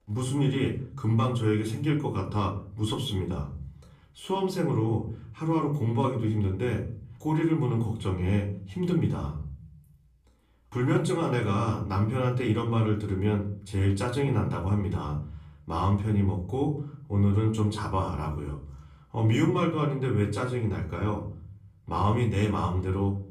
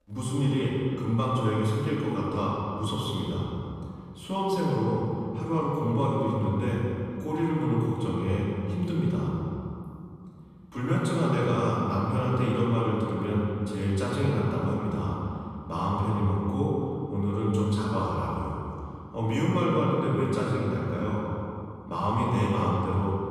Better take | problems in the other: first | room echo; strong; dies away in 2.3 s; slight in the first // off-mic speech; far; far in the first

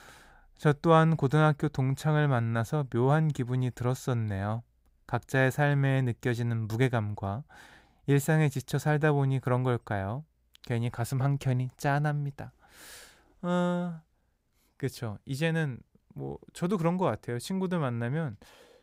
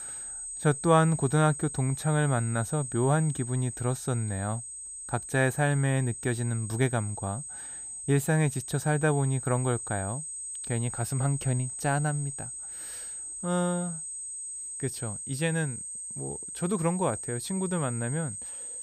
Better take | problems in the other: first | high-pitched whine; loud; throughout; 8 kHz, 7 dB below the speech

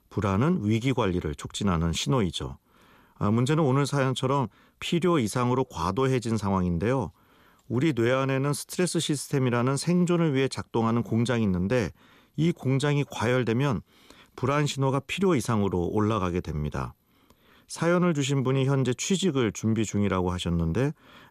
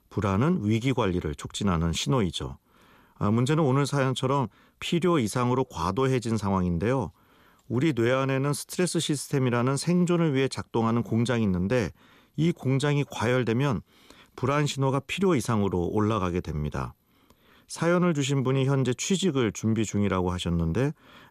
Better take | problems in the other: neither | none

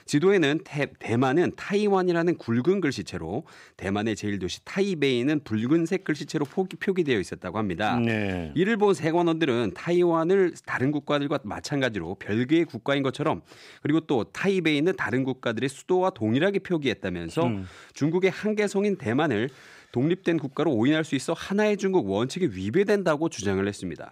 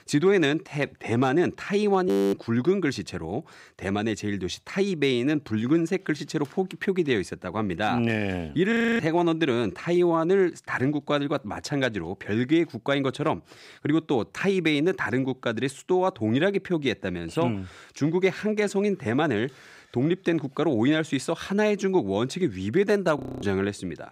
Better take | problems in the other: first | audio freezing; at 2 s, at 8.5 s and at 23 s

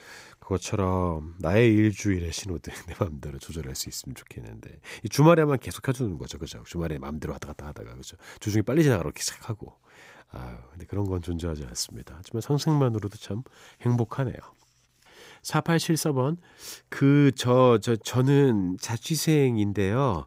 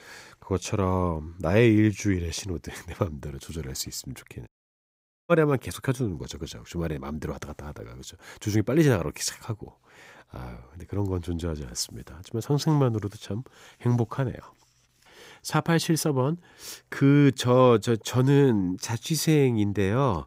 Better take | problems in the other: first | audio cutting out; at 4.5 s for 1 s

